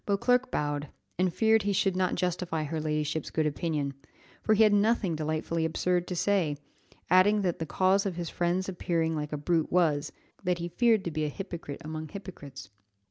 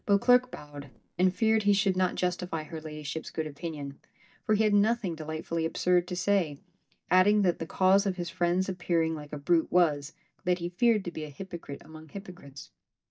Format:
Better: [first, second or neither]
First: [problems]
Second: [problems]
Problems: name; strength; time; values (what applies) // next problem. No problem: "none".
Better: first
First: none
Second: noise reduction (neural mask model DeepFilterNet 3)